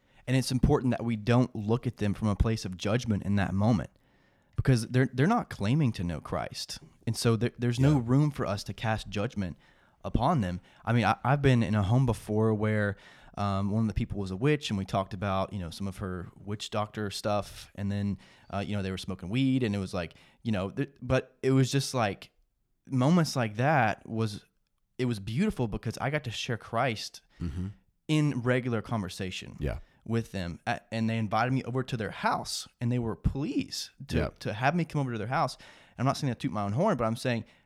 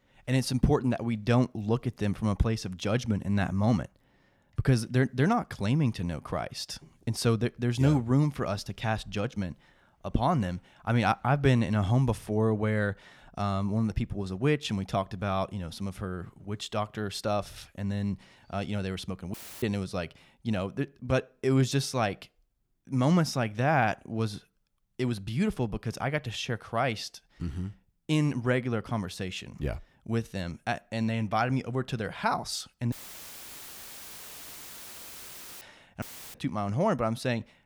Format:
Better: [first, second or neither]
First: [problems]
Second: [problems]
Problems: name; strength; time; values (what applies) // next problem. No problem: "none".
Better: first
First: none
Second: audio cutting out; filled with static; at 19 s, at 33 s for 2.5 s and at 36 s